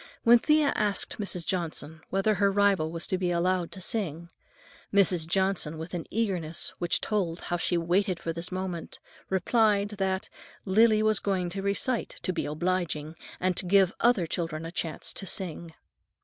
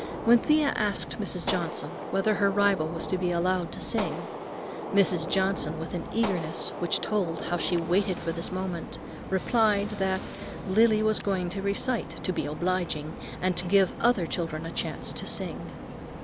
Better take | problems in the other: first | background sound (Gunshot, gunfire); 8 dB below the speech

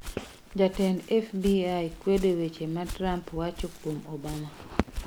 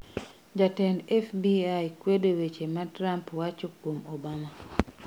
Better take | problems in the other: second | background sound (Walk, footsteps); 13 dB below the speech

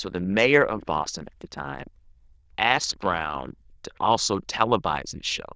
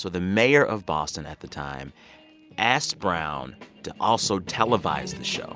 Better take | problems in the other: second | noise reduction (neural diffusion model UNIVERSE++)

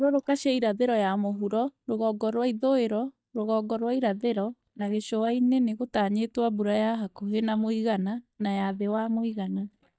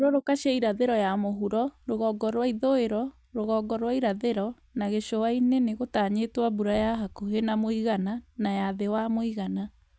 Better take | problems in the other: second | noise reduction (neural mask model DeepFilterNet 3)

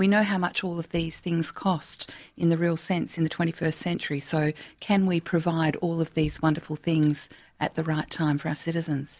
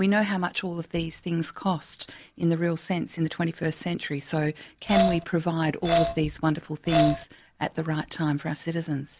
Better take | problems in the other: first | background sound (Glass); 3 dB above the speech

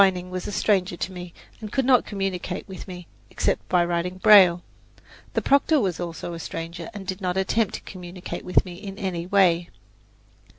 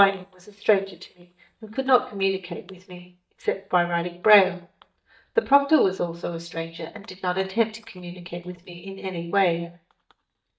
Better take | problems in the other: first | noise reduction (neural mask model DeepFilterNet 3)

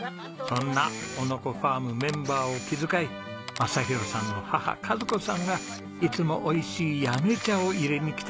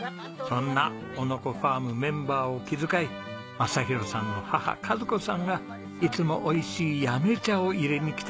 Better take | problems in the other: second | background sound (Camera); 14 dB below the speech

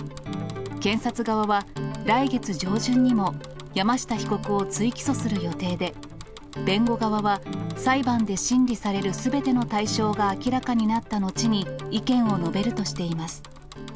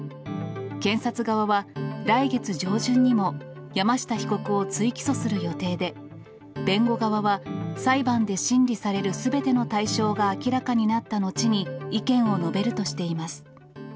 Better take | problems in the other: second | background sound (Bicycle); 19 dB below the speech

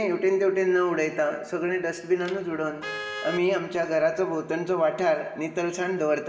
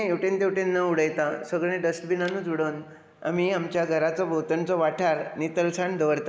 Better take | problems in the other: second | background sound (Vehicle horn, car horn, honking); 15 dB below the speech // room echo; dies away in 0.7 s

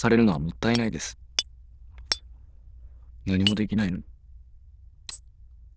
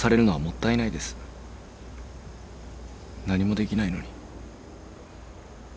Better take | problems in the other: second | noise reduction (neural diffusion model UNIVERSE++)

